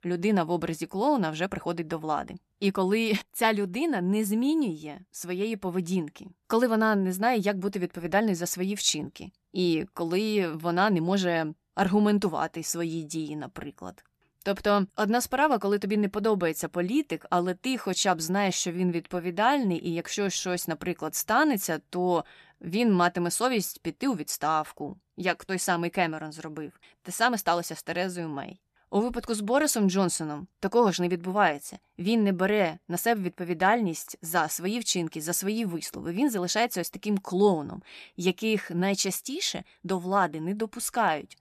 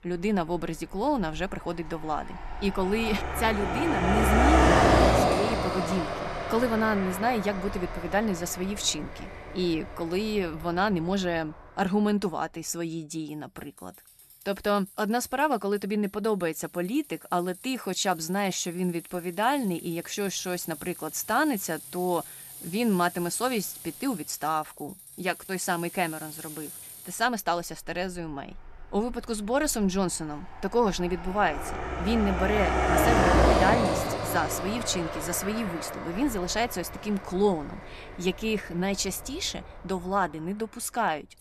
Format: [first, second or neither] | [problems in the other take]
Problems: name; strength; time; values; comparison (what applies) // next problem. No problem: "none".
first | traffic noise; very loud; throughout; as loud as the speech